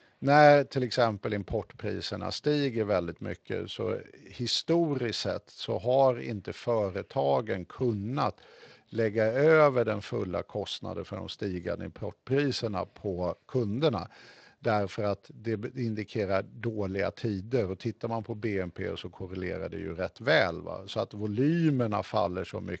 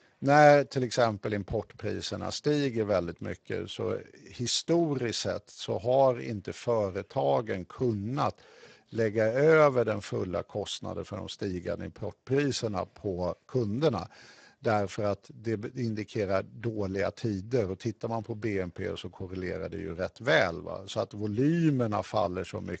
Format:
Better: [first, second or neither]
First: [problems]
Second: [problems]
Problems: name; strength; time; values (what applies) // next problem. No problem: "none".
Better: first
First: garbled, watery; slightly; nothing above 7.5 kHz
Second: garbled, watery; badly; nothing above 7.5 kHz